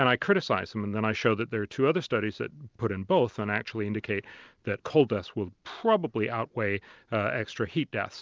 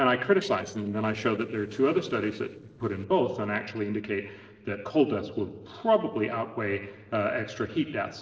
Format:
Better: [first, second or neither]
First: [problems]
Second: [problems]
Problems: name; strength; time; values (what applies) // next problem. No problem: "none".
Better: first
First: none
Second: noise reduction (neural separator model SepFormer DNS4)